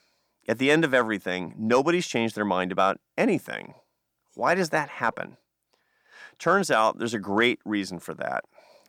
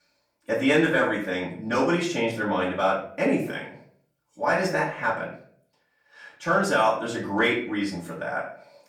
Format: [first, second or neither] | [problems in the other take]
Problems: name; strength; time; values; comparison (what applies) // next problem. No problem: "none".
first | off-mic speech; far // room echo; slight; dies away in 0.5 s